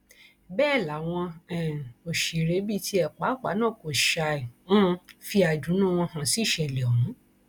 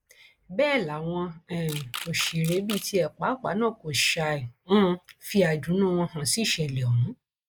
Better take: first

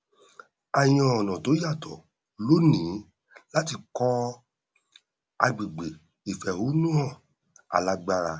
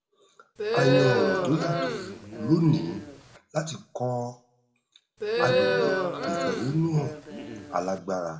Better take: first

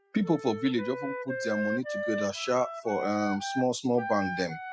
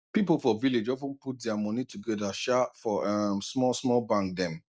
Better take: second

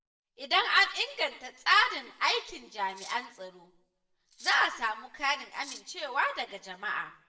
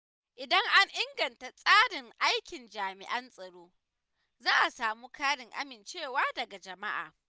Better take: second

